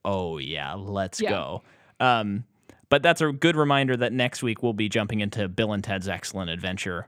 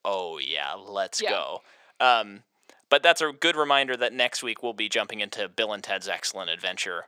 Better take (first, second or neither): first